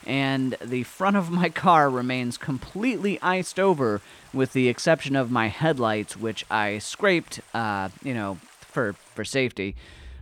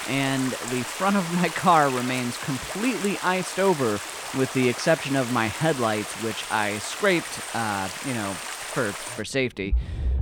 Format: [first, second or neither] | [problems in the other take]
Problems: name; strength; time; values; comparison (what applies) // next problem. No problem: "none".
first | rain or running water; loud; throughout; 6 dB below the speech; faint in the first